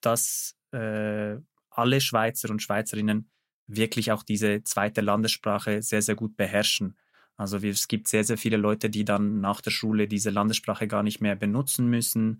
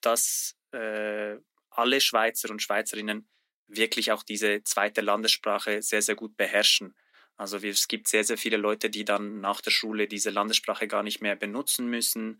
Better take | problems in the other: first | thin; somewhat; fading below 250 Hz

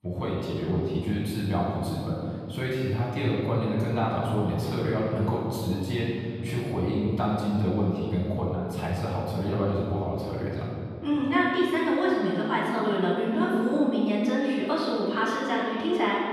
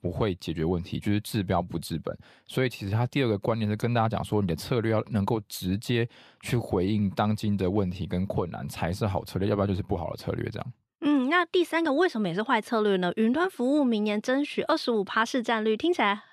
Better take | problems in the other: second | room echo; strong; dies away in 2.5 s // off-mic speech; far

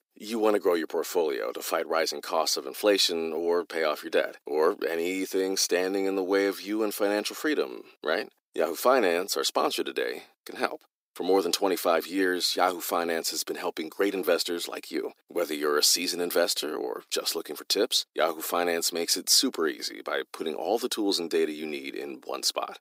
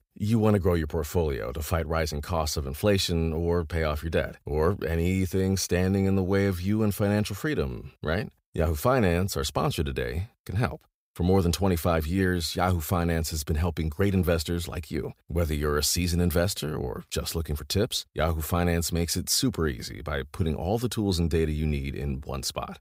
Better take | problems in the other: second | thin; somewhat; fading below 300 Hz

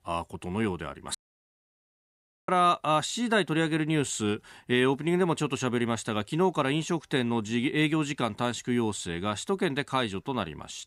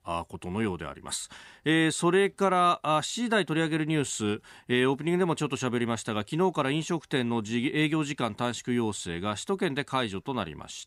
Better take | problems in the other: second | audio cutting out; at 1 s for 1.5 s

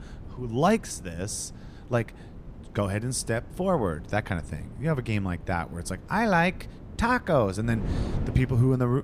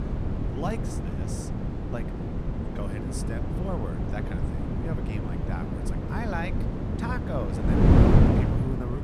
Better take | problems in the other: first | wind noise on the microphone; heavy; 4 dB above the speech; occasional gusts in the first

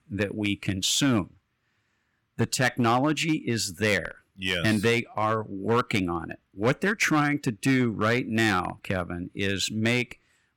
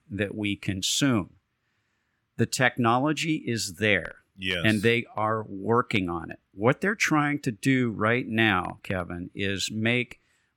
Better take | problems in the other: second | distortion; slight; 4% of the sound clipped

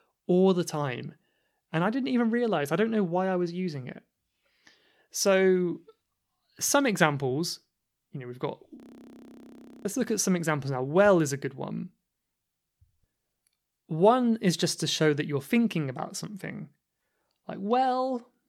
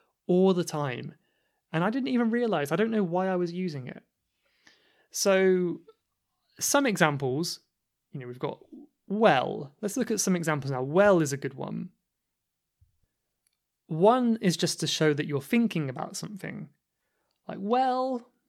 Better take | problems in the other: second | audio freezing; at 9 s for 1 s

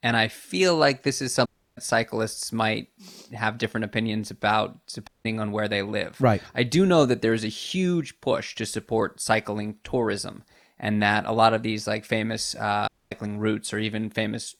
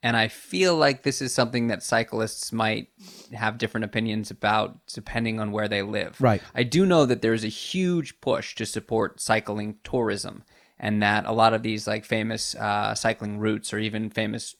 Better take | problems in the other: second | audio cutting out; at 1.5 s, at 5 s and at 13 s

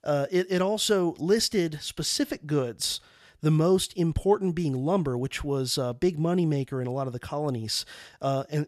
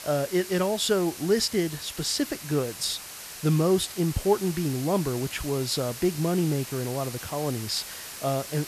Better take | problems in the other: first | hiss; noticeable; throughout; 10 dB below the speech

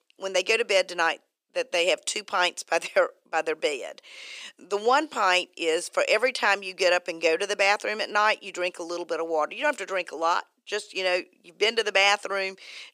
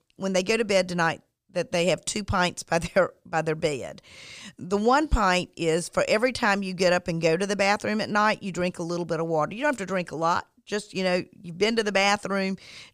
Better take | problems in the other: second | thin; very; fading below 350 Hz

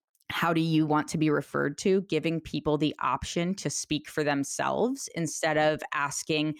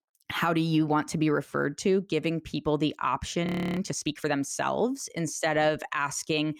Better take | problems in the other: first | audio freezing; at 3.5 s

